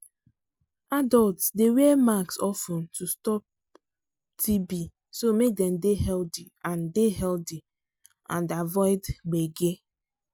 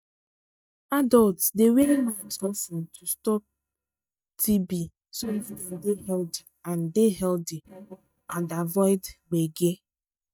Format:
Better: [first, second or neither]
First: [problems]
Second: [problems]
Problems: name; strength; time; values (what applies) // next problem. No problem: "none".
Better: first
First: none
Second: noise reduction (neural mask model DeepFilterNet 3)